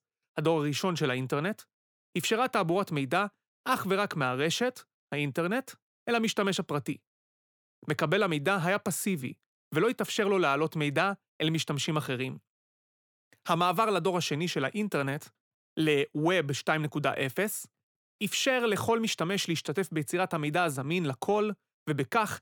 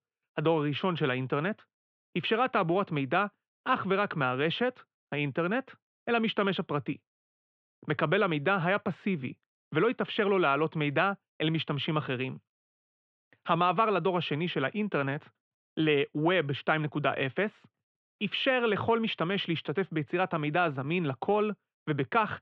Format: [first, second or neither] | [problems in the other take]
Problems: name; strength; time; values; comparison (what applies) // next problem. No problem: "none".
first | muffled; very; fading above 3 kHz